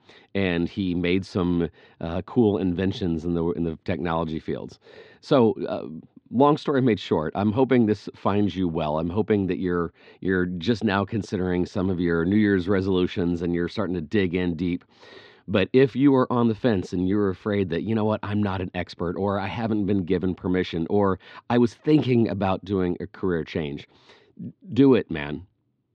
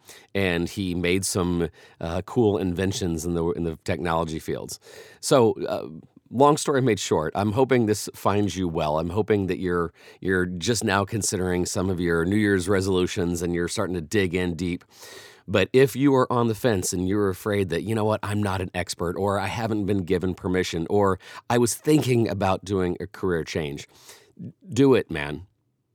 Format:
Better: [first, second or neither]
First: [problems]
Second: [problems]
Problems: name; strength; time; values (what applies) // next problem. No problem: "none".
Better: second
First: muffled; slightly; fading above 4 kHz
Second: none